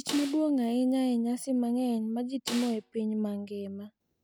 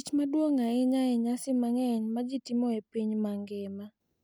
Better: second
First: background sound (Snare drum); 13 dB below the speech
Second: none

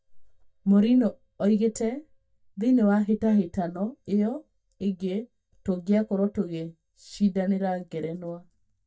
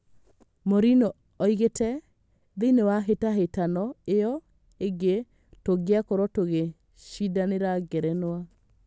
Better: second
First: noise reduction (neural mask model DeepFilterNet 3)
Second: none

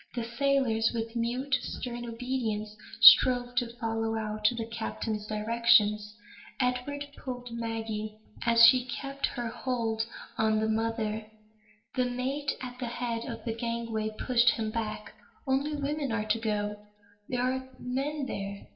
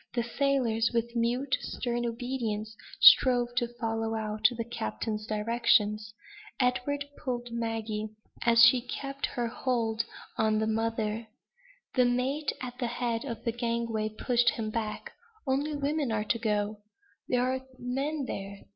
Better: second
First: room echo; dies away in 0.6 s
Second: none

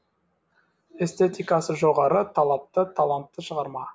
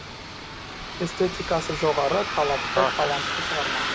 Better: first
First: none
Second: background sound (Bus); 2 dB below the speech

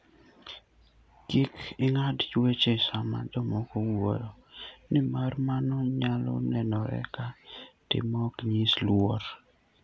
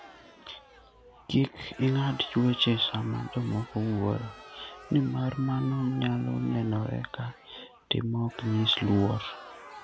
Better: first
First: none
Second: background sound (Crowd); 18 dB below the speech

